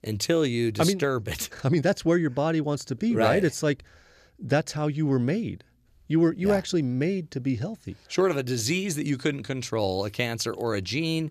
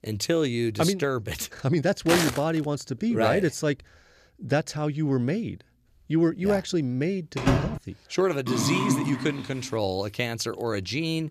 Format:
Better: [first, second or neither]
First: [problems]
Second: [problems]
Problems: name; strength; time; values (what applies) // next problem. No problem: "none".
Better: first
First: none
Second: footsteps; loud; at 2 s; peak 1 dB above the speech // door banging; loud; at 7.5 s; peak 1 dB above the speech // dog barking; loud; at 8.5 s; peak 1 dB above the speech